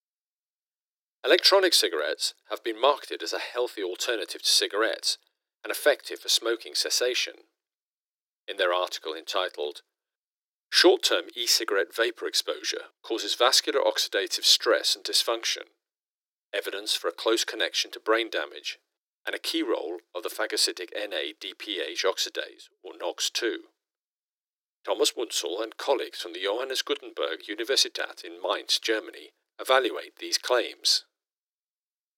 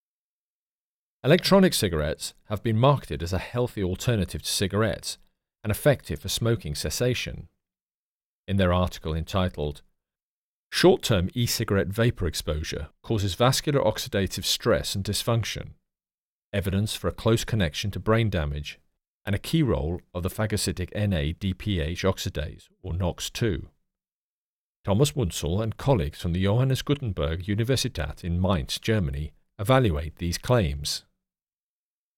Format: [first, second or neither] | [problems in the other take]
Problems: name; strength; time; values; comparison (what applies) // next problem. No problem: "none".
second | thin; very; fading below 300 Hz